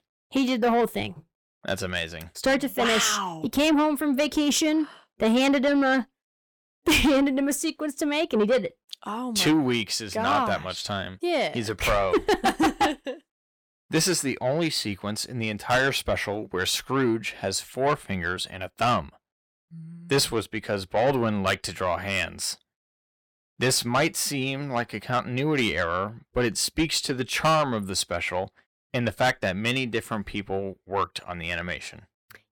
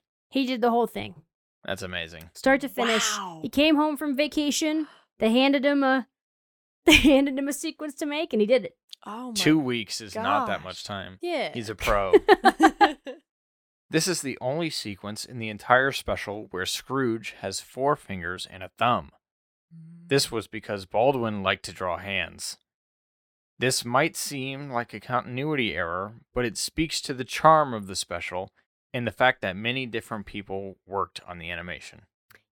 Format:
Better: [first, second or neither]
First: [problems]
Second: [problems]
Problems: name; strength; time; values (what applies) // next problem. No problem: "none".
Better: second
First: distortion; heavy; 6 dB below the speech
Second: none